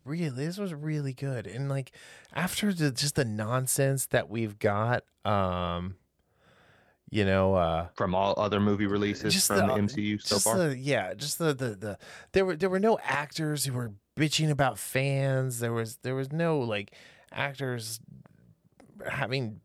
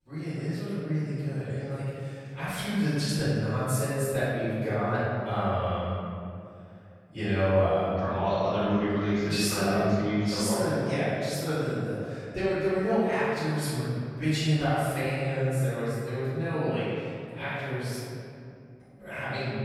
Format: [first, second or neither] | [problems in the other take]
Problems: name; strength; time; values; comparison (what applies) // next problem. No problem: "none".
first | off-mic speech; far // room echo; strong; dies away in 2.3 s